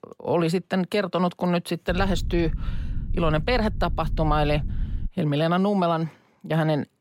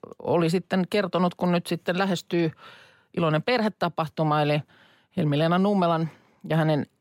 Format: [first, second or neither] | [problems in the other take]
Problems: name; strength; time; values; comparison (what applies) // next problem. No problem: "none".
second | low rumble; faint; from 2 to 5 s; 20 dB below the speech